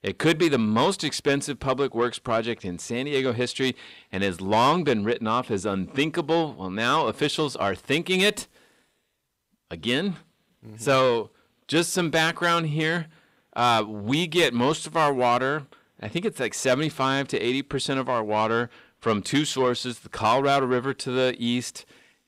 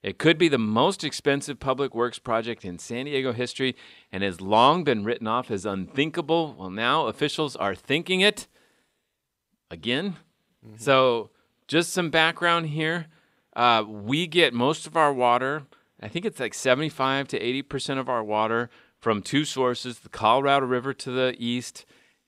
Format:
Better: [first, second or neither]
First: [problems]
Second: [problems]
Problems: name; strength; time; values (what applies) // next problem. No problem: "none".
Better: second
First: distortion; slight; 10 dB below the speech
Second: none